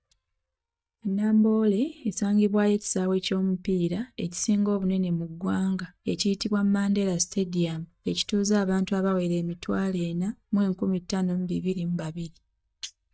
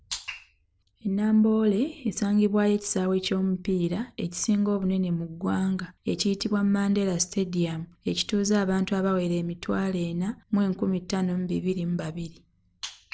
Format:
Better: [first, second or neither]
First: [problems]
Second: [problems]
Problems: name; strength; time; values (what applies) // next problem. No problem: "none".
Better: second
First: noise reduction (neural mask model DeepFilterNet 3)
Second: none